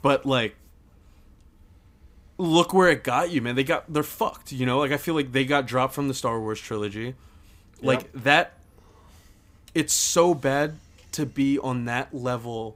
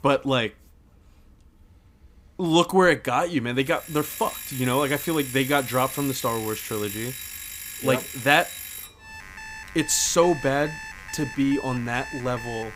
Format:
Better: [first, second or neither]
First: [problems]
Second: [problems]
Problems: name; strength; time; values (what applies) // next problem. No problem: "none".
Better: first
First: none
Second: alarms or sirens; noticeable; from 4 s on; 10 dB below the speech